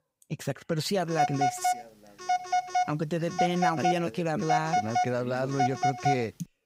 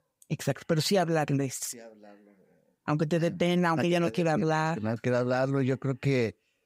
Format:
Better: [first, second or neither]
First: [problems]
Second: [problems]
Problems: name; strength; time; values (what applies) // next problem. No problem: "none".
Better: second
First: phone ringing; loud; from 1 s on; peak 3 dB above the speech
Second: none